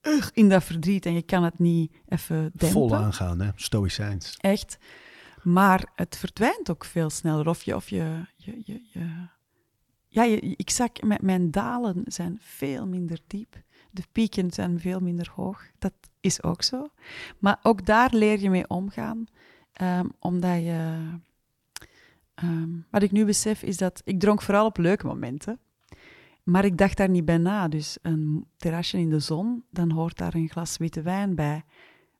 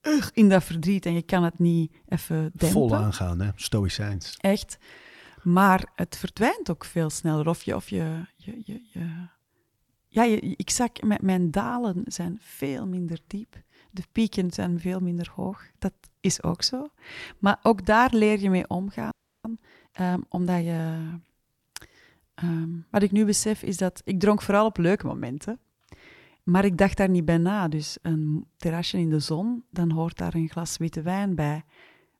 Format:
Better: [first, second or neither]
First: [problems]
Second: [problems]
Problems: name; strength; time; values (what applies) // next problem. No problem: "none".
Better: first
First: none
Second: audio freezing; at 19 s